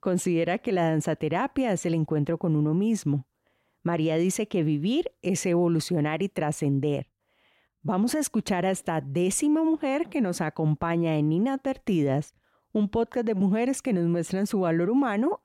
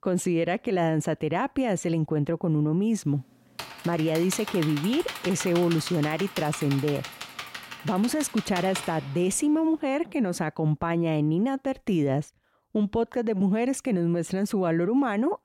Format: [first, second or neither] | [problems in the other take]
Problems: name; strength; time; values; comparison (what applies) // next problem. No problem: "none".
first | keyboard typing; noticeable; from 3.5 to 9 s; peak 8 dB below the speech